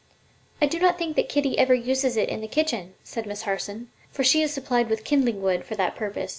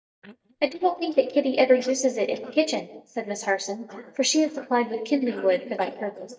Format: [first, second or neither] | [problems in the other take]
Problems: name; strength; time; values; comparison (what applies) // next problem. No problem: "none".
first | noise reduction (neural mask model DeepFilterNet 3)